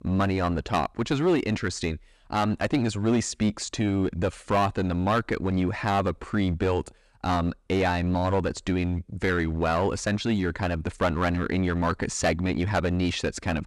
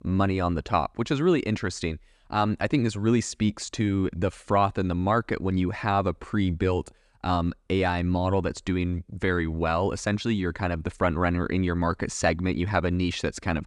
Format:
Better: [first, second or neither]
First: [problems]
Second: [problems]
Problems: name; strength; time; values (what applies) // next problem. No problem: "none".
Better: second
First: distortion; slight; 9% of the sound clipped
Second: none